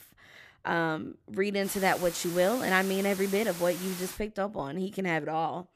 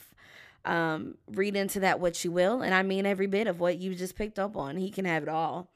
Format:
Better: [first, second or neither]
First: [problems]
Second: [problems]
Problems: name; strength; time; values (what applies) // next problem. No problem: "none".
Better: second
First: hiss; noticeable; from 1.5 to 4 s; 10 dB below the speech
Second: none